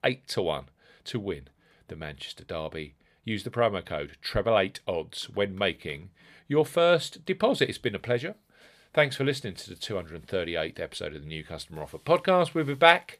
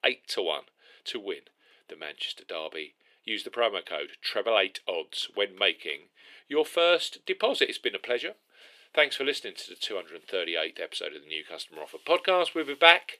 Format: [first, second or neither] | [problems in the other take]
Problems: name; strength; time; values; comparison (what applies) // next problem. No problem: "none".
first | thin; somewhat; fading below 350 Hz